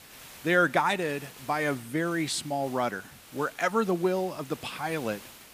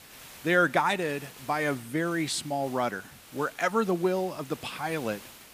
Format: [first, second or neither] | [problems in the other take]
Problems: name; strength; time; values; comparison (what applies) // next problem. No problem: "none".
neither | hiss; noticeable; throughout; 20 dB below the speech; the same in both